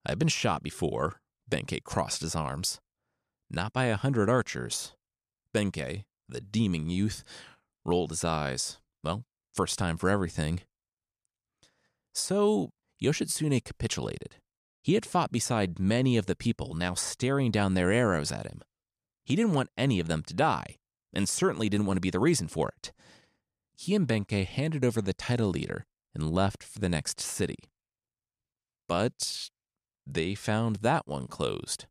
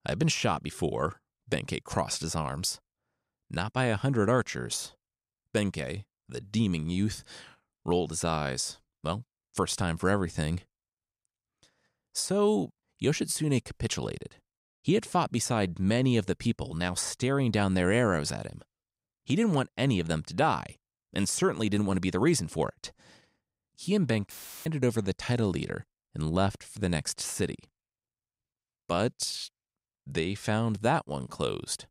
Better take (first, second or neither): first